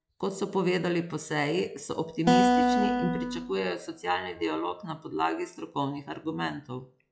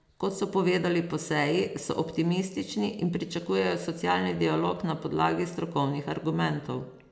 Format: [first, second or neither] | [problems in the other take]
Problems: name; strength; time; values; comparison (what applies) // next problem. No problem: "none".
second | noise reduction (classical method log-MMSE)